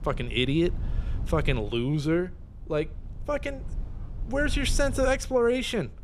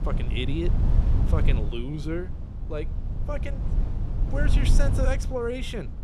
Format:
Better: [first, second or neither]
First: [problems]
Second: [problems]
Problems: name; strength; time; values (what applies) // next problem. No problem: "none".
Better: first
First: low rumble; faint; throughout; 25 dB below the speech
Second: low rumble; loud; throughout; 8 dB below the speech